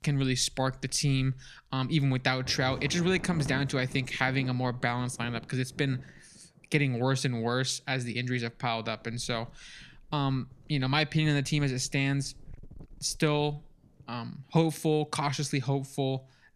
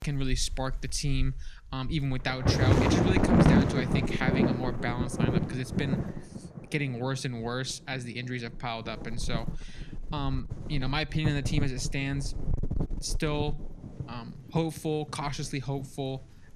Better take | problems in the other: first | wind noise on the microphone; heavy; 2 dB above the speech; occasional gusts in the first

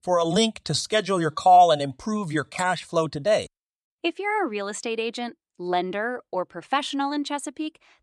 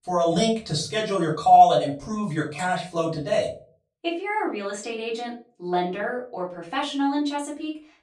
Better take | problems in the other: first | room echo; slight; dies away in 0.3 s // off-mic speech; far

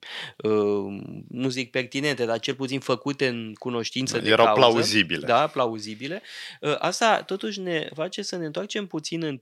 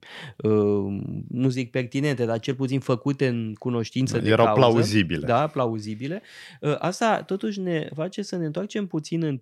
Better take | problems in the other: second | thin; very slightly; fading below 1 kHz

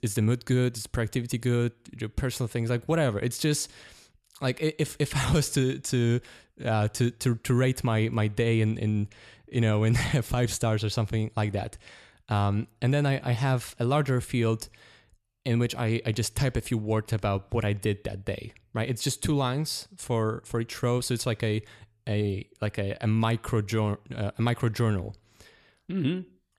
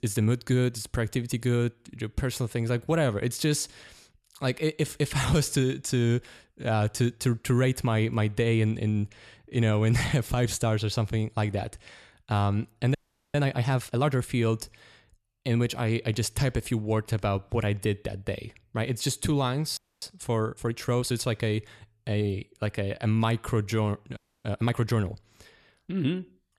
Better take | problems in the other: first | audio freezing; at 13 s, at 20 s and at 24 s

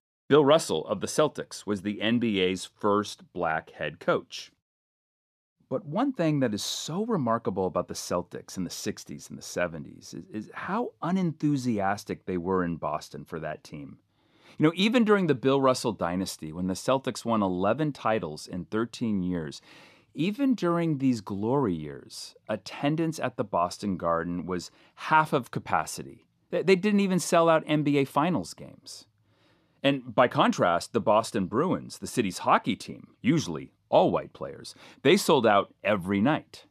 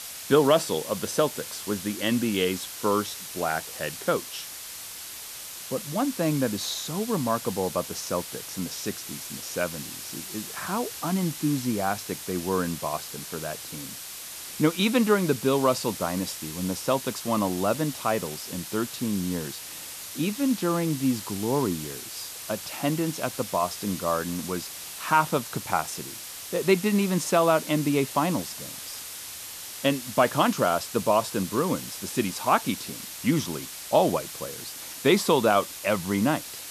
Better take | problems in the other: first | hiss; loud; throughout; 9 dB below the speech

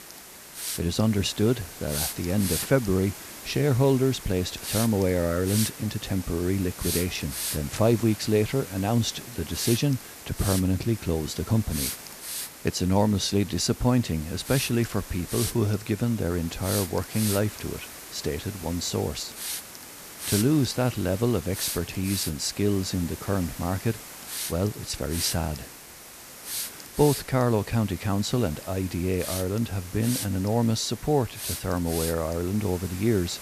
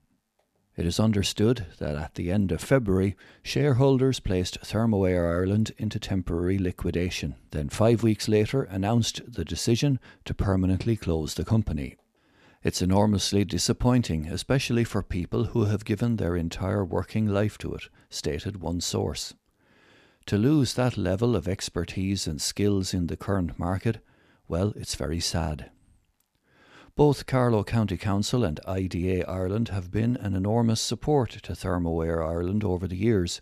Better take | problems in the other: second | hiss; loud; throughout; 8 dB below the speech

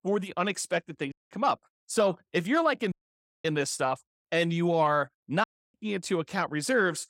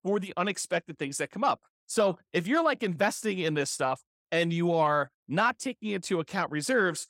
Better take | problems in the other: second | audio cutting out; at 1 s, at 3 s for 0.5 s and at 5.5 s

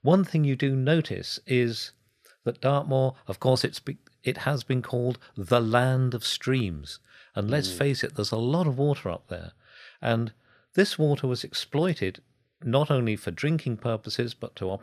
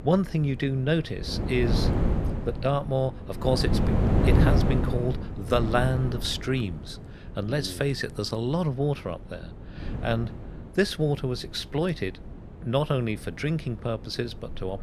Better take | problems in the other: first | wind noise on the microphone; heavy; 5 dB below the speech

